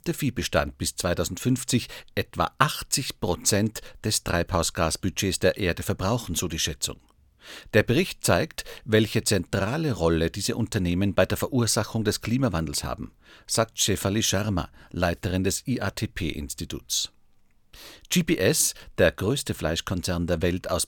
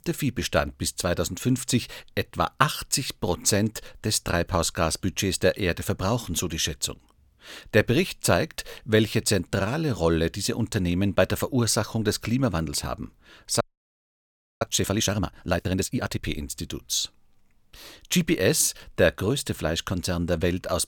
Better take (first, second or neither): first